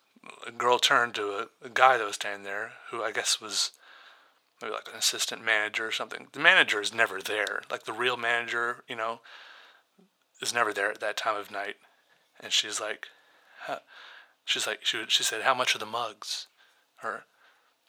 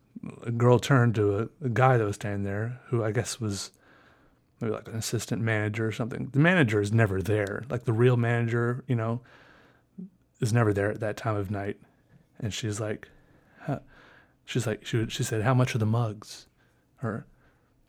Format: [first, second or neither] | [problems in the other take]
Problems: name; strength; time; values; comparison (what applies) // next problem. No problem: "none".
second | thin; very; fading below 900 Hz